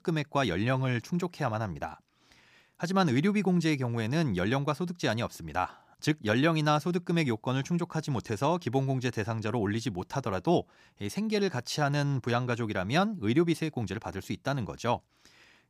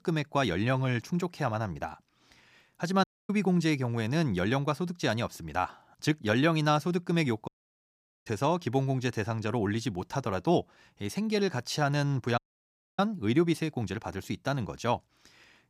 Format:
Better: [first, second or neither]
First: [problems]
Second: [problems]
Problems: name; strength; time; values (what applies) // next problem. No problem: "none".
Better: first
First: none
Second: audio cutting out; at 3 s, at 7.5 s for 1 s and at 12 s for 0.5 s